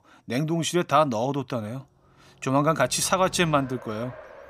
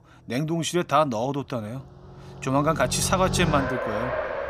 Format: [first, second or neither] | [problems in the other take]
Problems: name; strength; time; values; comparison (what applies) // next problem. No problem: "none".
first | traffic noise; loud; throughout; 5 dB below the speech; faint in the first